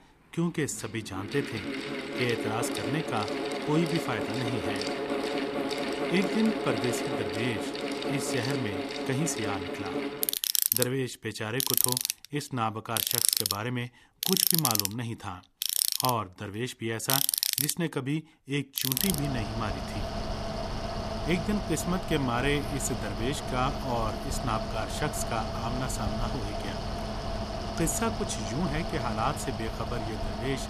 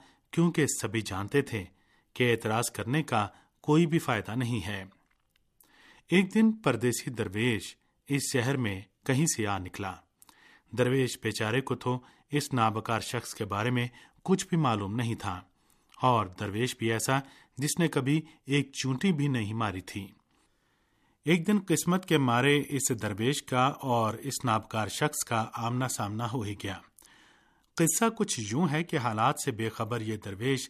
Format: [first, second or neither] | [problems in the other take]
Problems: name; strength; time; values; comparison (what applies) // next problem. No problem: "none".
second | machinery noise; very loud; throughout; 2 dB above the speech